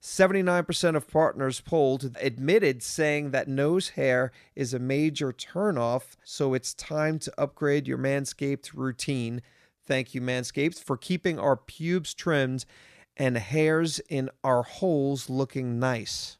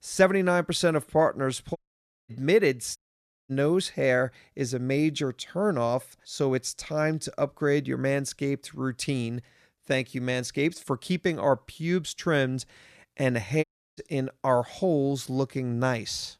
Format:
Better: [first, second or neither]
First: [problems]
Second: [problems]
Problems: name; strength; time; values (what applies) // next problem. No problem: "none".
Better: first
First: none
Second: audio cutting out; at 2 s for 0.5 s, at 3 s for 0.5 s and at 14 s